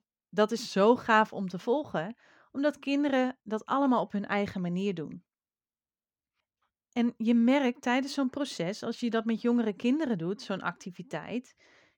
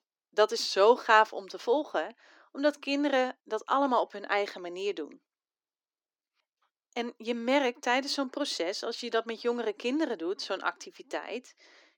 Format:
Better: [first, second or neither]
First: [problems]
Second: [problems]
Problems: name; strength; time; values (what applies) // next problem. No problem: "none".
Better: first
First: none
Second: thin; somewhat; fading below 300 Hz